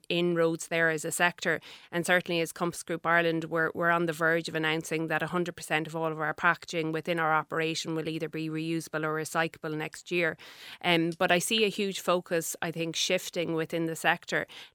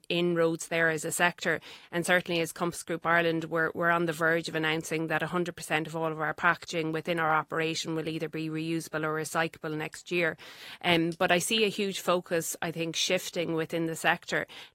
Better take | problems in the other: first | garbled, watery; slightly; nothing above 15 kHz

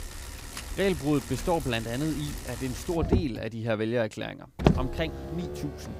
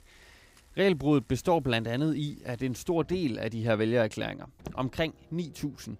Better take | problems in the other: second | traffic noise; loud; throughout; 2 dB below the speech; faint in the second

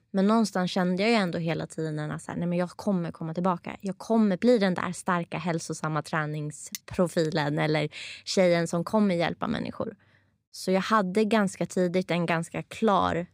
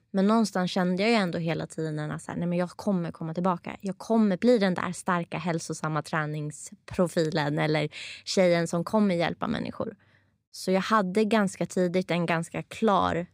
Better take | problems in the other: second | clattering dishes; very faint; at 6.5 s; peak 15 dB below the speech

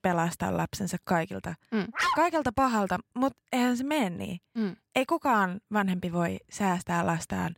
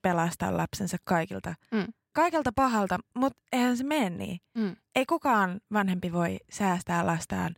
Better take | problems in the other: second | dog barking; loud; at 2 s; peak 1 dB above the speech

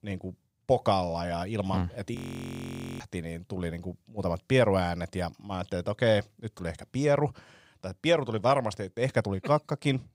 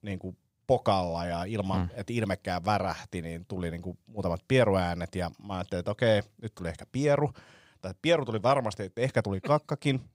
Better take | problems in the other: second | audio freezing; at 2 s for 1 s

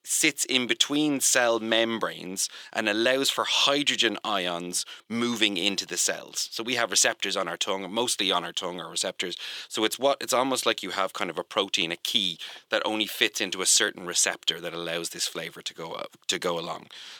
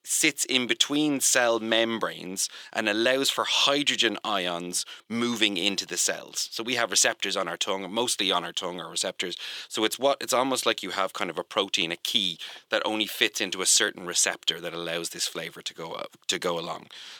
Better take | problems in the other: neither | thin; somewhat; fading below 350 Hz; the same in both

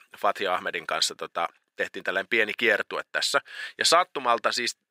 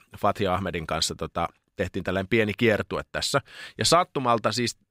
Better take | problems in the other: second | thin; somewhat; fading below 450 Hz

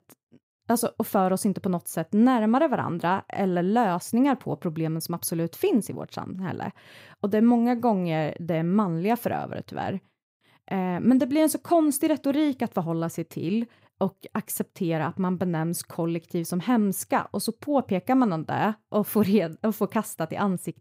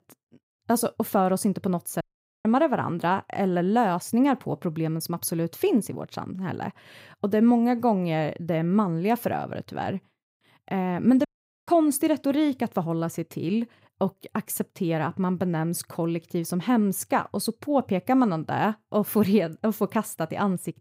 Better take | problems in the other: first | audio cutting out; at 2 s and at 11 s

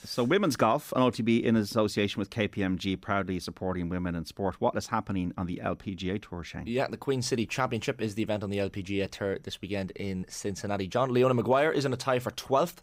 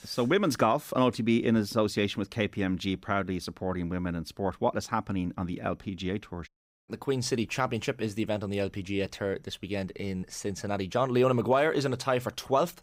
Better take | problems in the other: first | audio cutting out; at 6.5 s

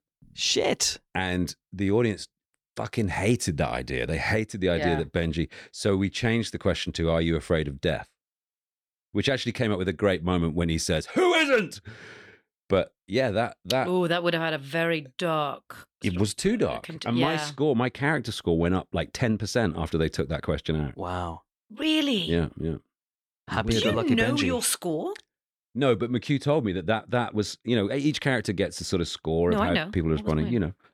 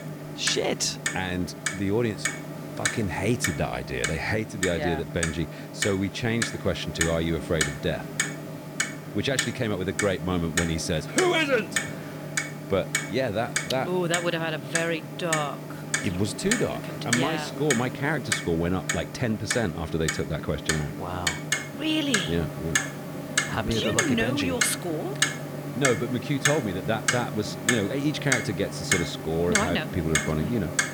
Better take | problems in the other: first | household noises; loud; throughout; 2 dB below the speech

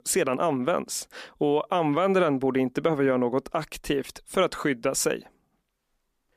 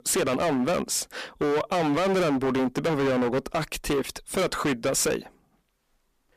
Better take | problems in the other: first | distortion; heavy; 23% of the sound clipped

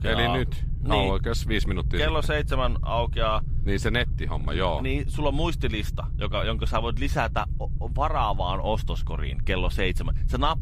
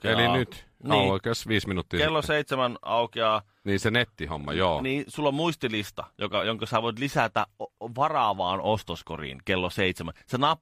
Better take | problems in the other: second | low rumble; noticeable; throughout; 20 dB below the speech

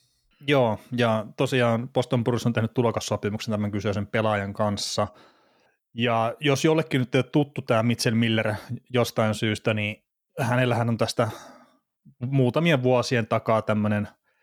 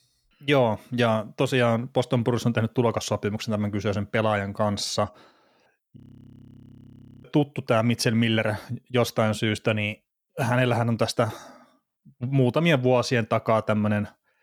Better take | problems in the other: first | audio freezing; at 6 s for 1.5 s

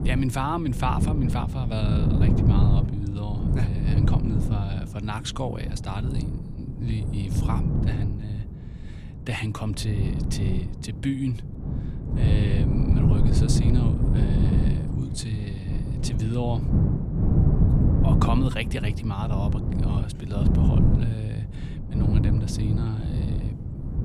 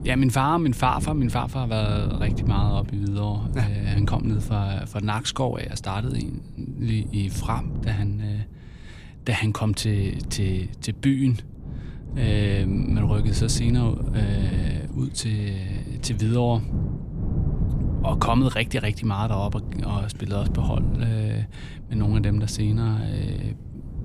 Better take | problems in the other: second | wind noise on the microphone; heavy; 1 dB below the speech; occasional gusts in the second

